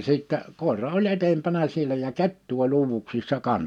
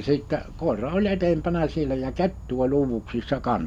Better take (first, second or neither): first